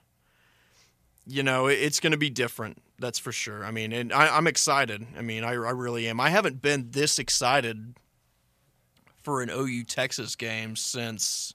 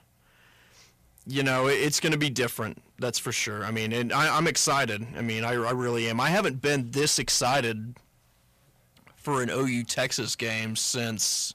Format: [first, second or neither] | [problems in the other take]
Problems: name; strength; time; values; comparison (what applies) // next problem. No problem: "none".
first | distortion; heavy; 7 dB below the speech